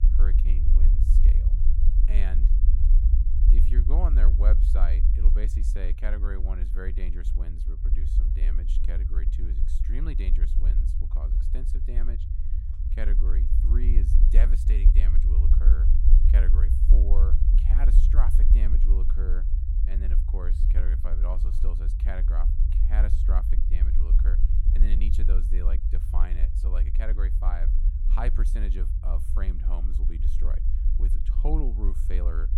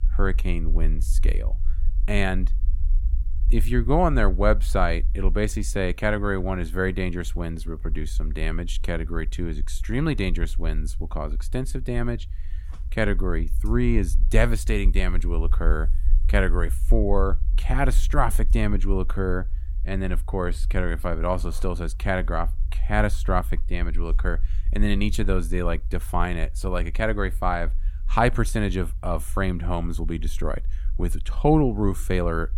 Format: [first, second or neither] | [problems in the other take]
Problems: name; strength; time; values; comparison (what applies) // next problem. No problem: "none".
second | low rumble; loud; throughout; 3 dB below the speech; faint in the second